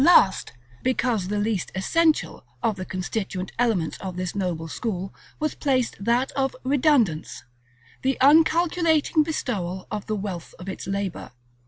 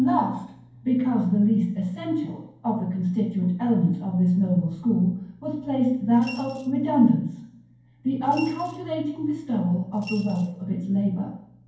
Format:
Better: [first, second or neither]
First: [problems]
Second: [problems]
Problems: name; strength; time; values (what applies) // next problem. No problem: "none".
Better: first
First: none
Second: background sound (Coin (dropping) / Glass); 19 dB below the speech // room echo; dies away in 0.9 s